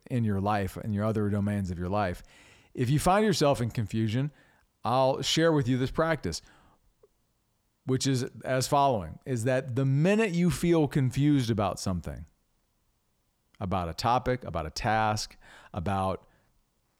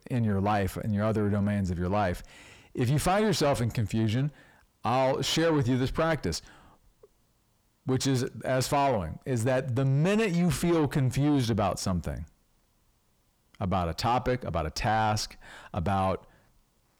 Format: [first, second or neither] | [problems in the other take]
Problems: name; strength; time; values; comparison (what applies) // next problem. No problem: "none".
first | distortion; slight; 9 dB below the speech